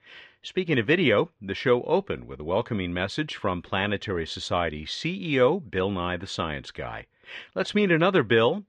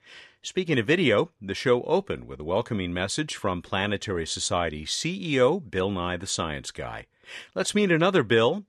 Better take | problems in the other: second | muffled; slightly; fading above 3 kHz

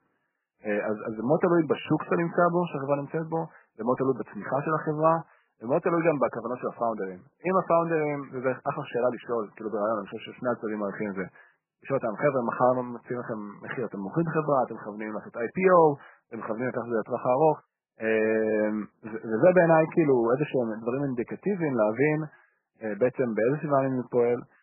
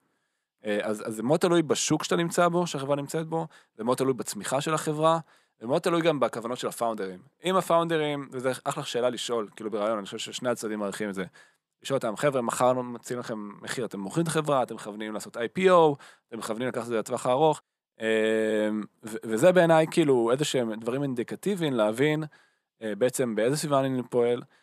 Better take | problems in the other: second | garbled, watery; badly; nothing above 2.5 kHz

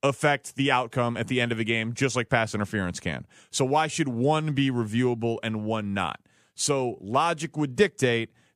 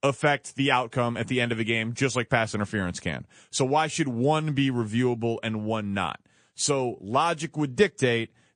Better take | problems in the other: first | garbled, watery; slightly; nothing above 9.5 kHz

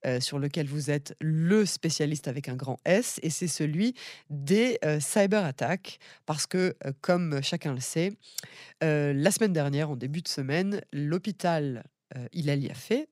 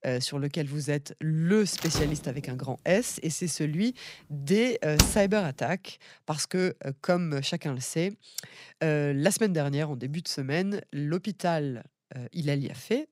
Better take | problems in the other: first | door banging; loud; from 2 to 5 s; peak 4 dB above the speech

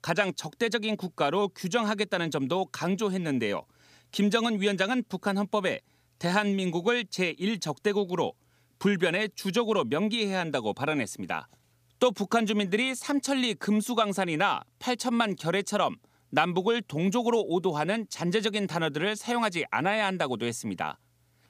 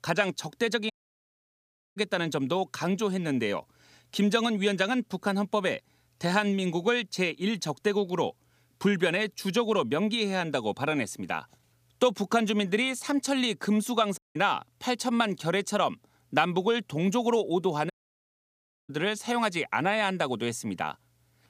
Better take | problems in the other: first | audio cutting out; at 1 s for 1 s, at 14 s and at 18 s for 1 s

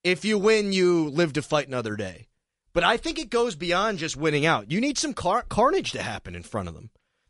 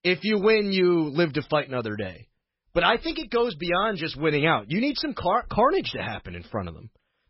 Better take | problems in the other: first | garbled, watery; badly; nothing above 5.5 kHz; slightly in the first

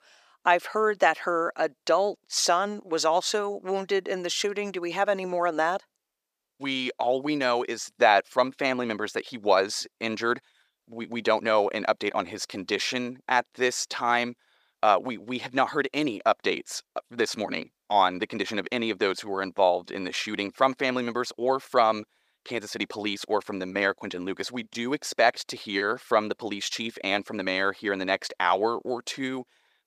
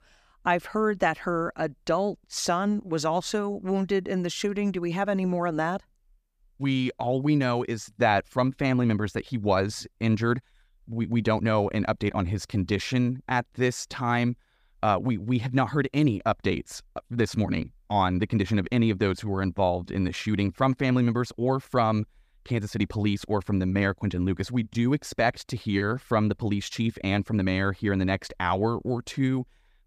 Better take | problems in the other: second | thin; somewhat; fading below 500 Hz

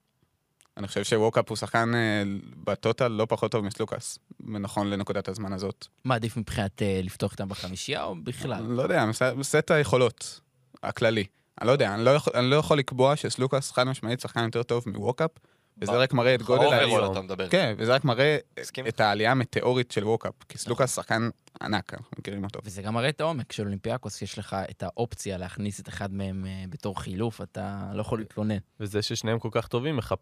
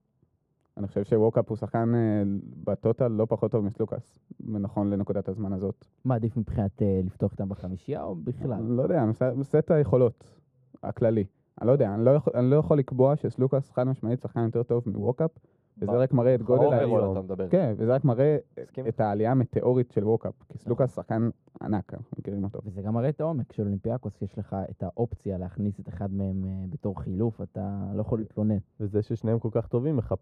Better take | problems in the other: first | muffled; very; fading above 1.5 kHz

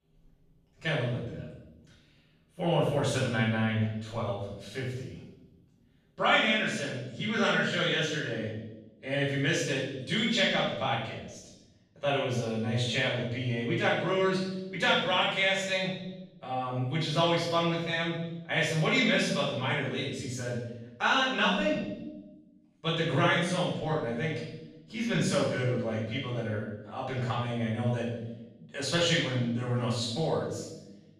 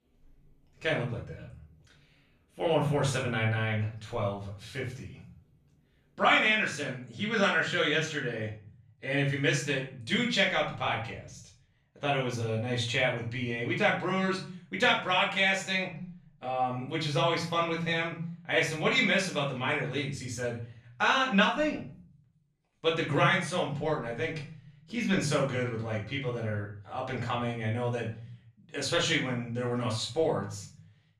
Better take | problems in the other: second | room echo; strong; dies away in 1 s; slight in the second // off-mic speech; far; far in the second

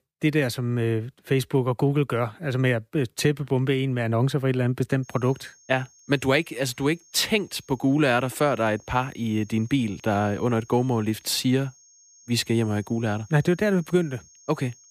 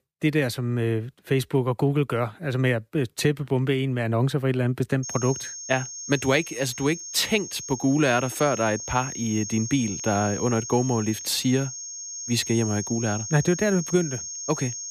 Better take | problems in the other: first | high-pitched whine; loud; from 5 s on; 6.5 kHz, 8 dB below the speech; faint in the first

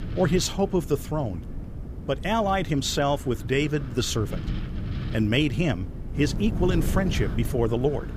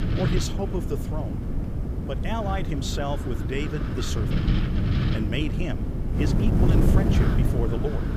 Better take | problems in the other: first | wind noise on the microphone; heavy; 1 dB below the speech; occasional gusts in the first

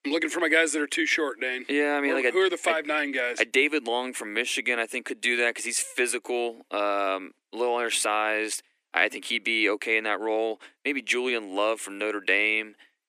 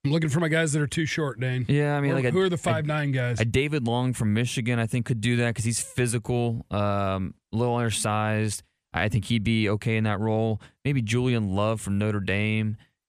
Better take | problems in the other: second | thin; very; fading below 300 Hz

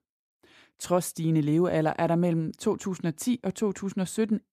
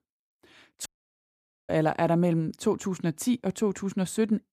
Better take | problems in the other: first | audio cutting out; at 1 s for 1 s

